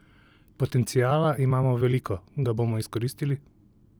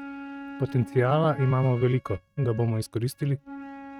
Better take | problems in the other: first | noise reduction (neural mask model RNNoise)

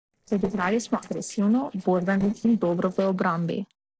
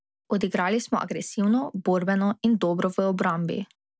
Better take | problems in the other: second | noise reduction (neural separator model SepFormer DNS4)

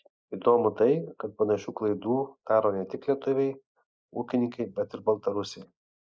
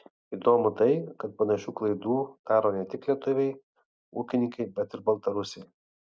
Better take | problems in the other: second | noise reduction (neural mask model Resemble Enhance denoiser)

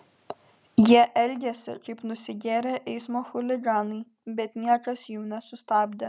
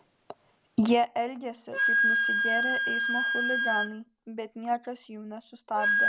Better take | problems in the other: first | background sound (Wind instrument, woodwind instrument); 3 dB above the speech

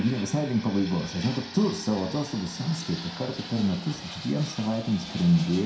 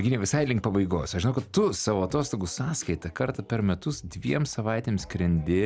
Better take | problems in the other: second | background sound (Fixed-wing aircraft, airplane); 14 dB below the speech // room echo; dies away in 0.4 s

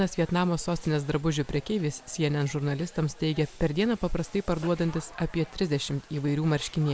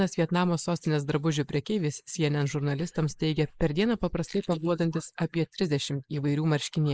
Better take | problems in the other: first | noise reduction (neural mask model Resemble Enhance denoiser)

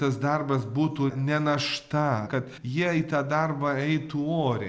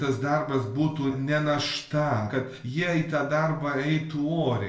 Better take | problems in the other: first | room echo; dies away in 0.3 s

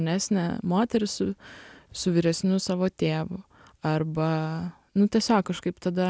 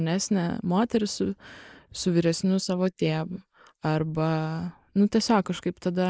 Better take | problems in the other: first | noise reduction (neural mask model Resemble Enhance denoiser)

